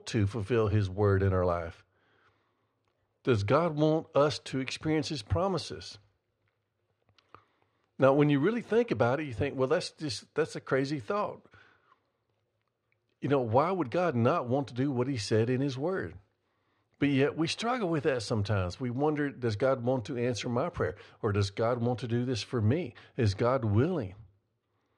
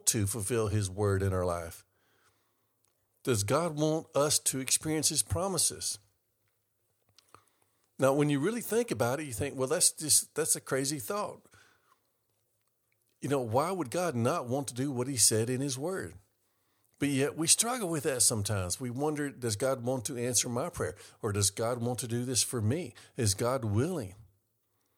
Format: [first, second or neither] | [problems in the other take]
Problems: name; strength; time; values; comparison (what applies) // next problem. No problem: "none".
second | muffled; slightly; fading above 3.5 kHz